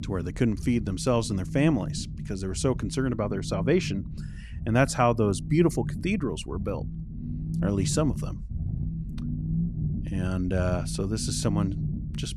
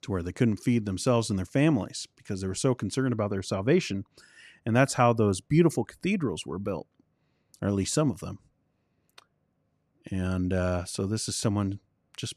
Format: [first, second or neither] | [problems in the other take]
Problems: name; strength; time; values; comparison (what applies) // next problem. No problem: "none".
second | low rumble; noticeable; throughout; 15 dB below the speech